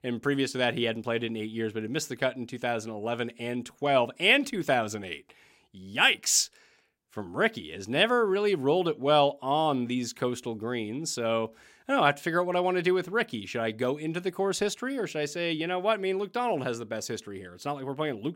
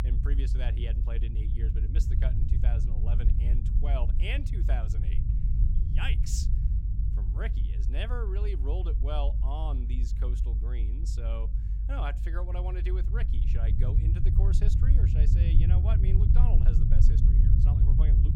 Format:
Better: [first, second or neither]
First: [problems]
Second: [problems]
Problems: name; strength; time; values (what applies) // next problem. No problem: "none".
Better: first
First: none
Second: low rumble; loud; throughout; 3 dB below the speech